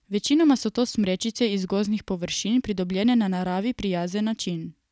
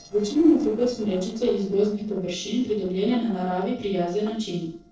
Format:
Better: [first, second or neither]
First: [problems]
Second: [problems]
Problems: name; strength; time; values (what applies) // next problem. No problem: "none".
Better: first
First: none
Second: noise reduction (neural separator model SepFormer DNS4)